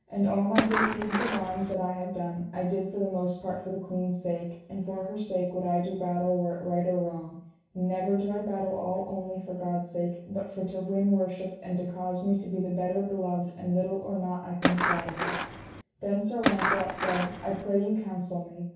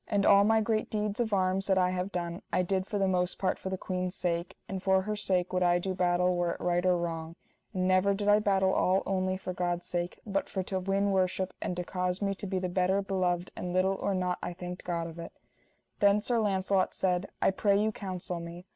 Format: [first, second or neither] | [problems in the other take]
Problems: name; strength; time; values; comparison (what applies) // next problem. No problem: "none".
second | background sound (Skateboard); as loud as the speech // room echo; dies away in 0.6 s